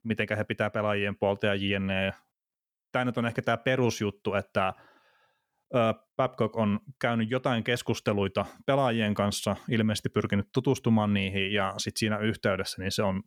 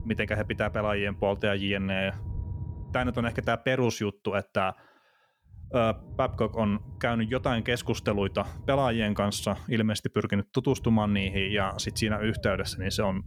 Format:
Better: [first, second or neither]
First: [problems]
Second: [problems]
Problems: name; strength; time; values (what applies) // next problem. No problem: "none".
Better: first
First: none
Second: low rumble; faint; until 3.5 s, from 5.5 to 9.5 s and from 11 s on; 25 dB below the speech